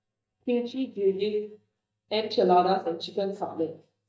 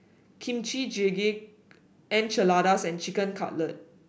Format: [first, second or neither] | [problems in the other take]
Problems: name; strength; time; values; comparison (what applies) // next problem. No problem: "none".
second | noise reduction (neural mask model DeepFilterNet 3)